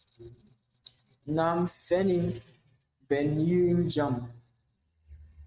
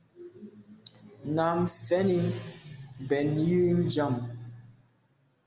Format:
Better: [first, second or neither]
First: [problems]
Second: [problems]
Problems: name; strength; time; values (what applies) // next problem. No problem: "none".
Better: second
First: noise reduction (neural mask model RNNoise)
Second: none